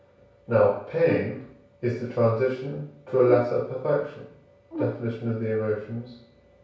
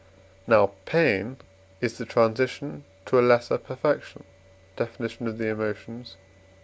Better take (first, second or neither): second